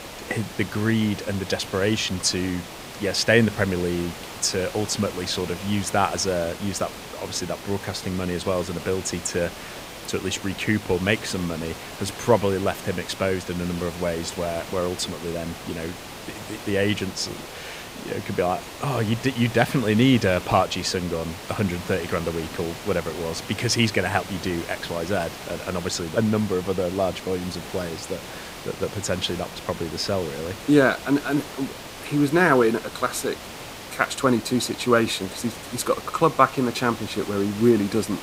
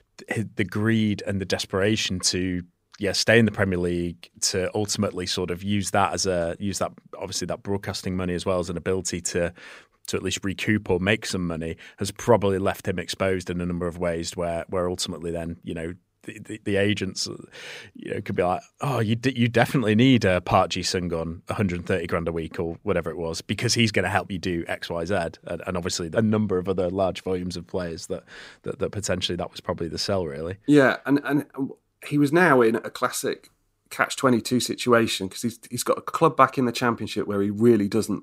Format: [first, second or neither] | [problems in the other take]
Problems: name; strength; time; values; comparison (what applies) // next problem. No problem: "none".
second | hiss; noticeable; throughout; 10 dB below the speech